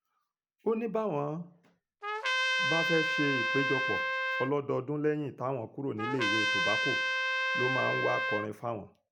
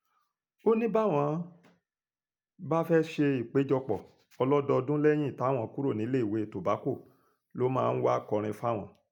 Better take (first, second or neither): second